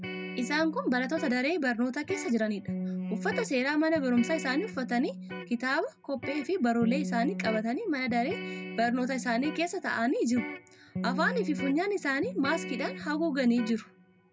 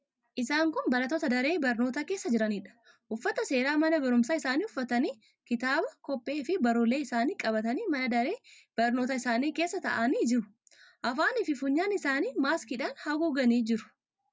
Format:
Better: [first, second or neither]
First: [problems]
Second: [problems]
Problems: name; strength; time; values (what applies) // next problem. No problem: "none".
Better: second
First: background sound (Electric guitar); 9 dB below the speech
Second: none